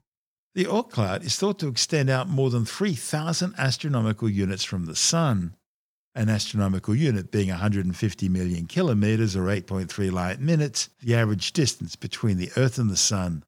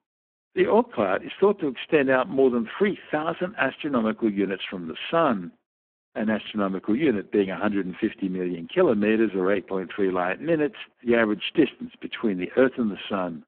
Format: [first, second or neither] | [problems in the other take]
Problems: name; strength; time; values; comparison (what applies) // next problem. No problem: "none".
first | phone-call audio; poor line